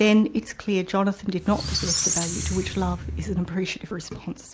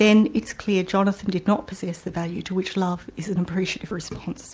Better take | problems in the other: second | background sound (Squeak); 3 dB below the speech

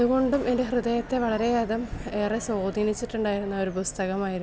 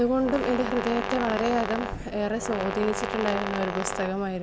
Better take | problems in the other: first | background sound (Brass instrument); 6 dB below the speech

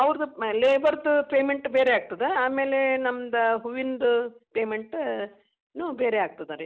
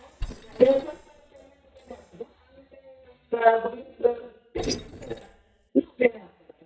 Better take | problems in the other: first | noise reduction (neural mask model DeepFilterNet 3)

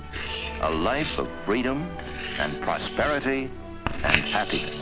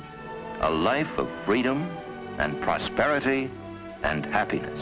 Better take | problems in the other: second | background sound (Writing); 4 dB below the speech

